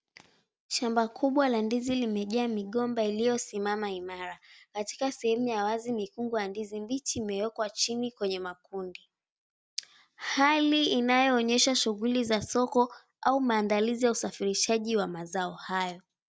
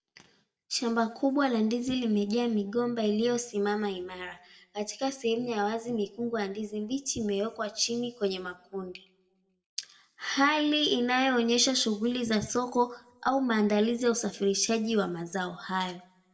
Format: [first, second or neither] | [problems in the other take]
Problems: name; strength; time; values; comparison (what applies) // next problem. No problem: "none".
first | room echo; dies away in 0.5 s